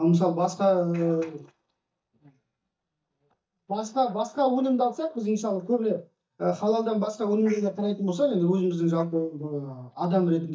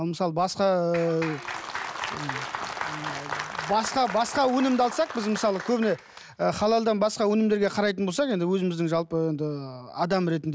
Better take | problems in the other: second | noise reduction (neural mask model DeepFilterNet 3)

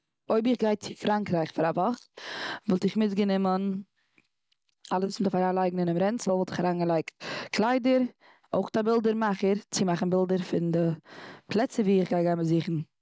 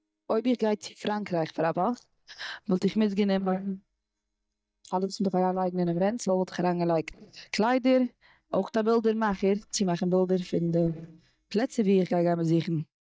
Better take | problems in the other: first | noise reduction (neural mask model DeepFilterNet 3)

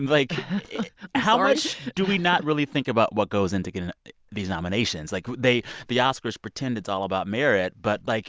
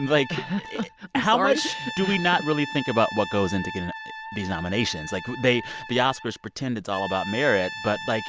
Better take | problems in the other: first | background sound (Brass instrument); 11 dB below the speech

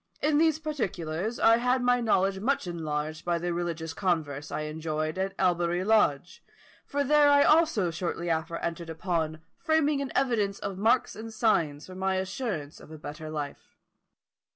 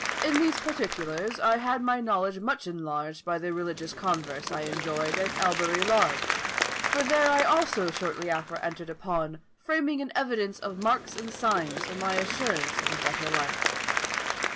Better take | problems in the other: first | background sound (Applause / Crowd); 4 dB below the speech

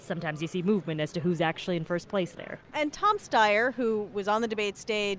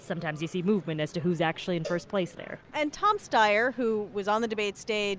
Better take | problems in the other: first | background sound (Cowbell); 20 dB below the speech

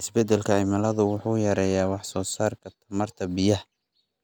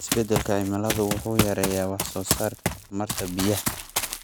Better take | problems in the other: first | background sound (Run); 2 dB below the speech

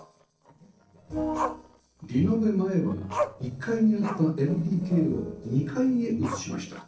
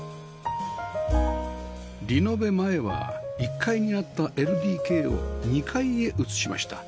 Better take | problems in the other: second | noise reduction (neural separator model SepFormer DNS4)

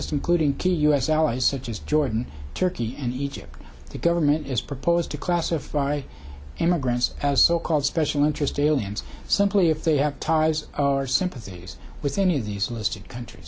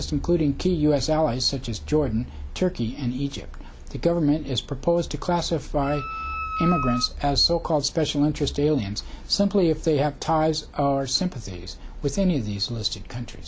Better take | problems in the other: first | background sound (Wind instrument, woodwind instrument); 7 dB below the speech

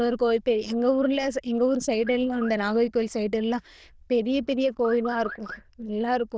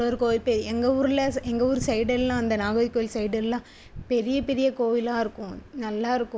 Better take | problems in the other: second | noise reduction (neural diffusion model UNIVERSE++)

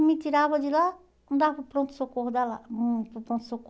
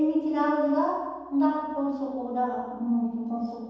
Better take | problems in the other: first | room echo; dies away in 1.2 s

